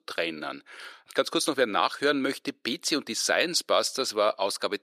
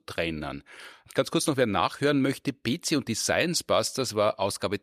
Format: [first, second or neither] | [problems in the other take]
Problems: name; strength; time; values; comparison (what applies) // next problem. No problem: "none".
second | thin; very slightly; fading below 350 Hz